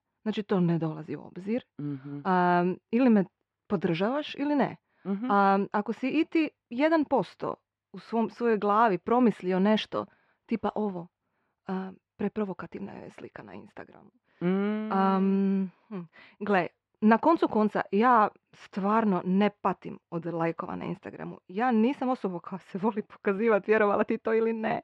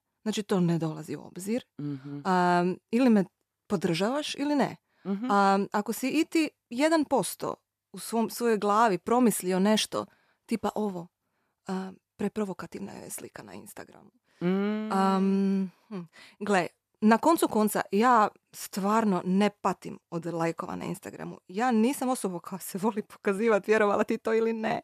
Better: second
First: muffled; slightly; fading above 3 kHz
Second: none

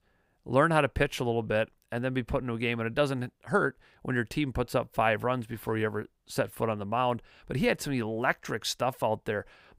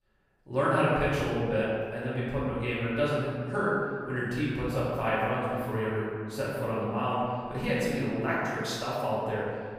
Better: first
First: none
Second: room echo; strong; dies away in 1.7 s // off-mic speech; far

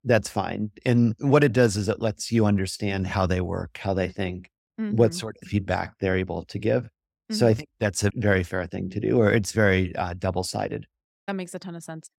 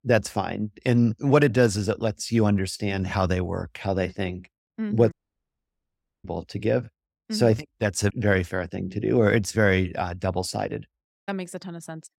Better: first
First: none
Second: audio cutting out; at 5 s for 1 s

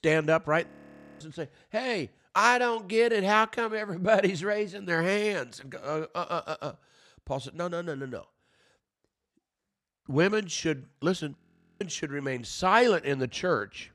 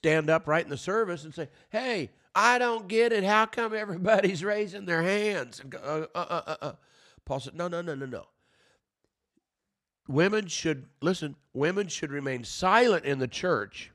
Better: second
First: audio freezing; at 0.5 s for 0.5 s and at 11 s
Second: none

